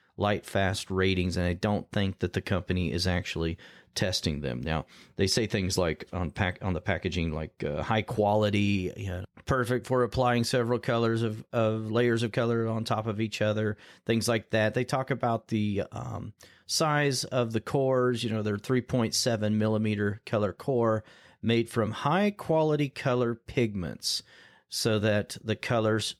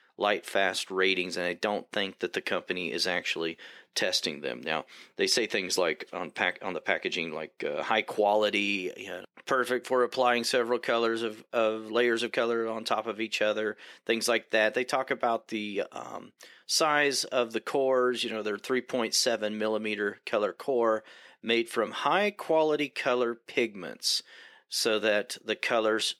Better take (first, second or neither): first